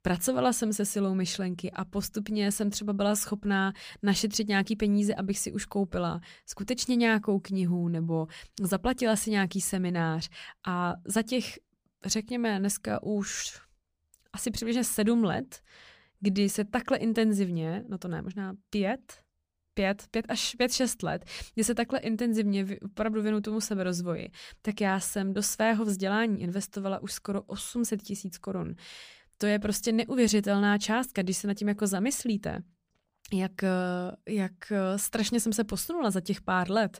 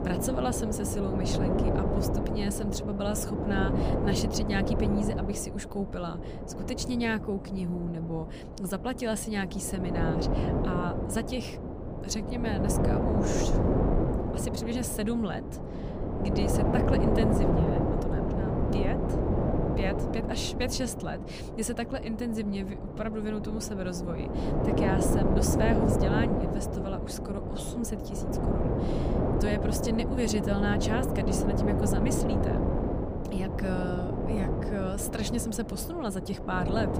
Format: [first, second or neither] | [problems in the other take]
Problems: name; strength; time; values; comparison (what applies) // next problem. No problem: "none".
first | wind noise on the microphone; heavy; 2 dB above the speech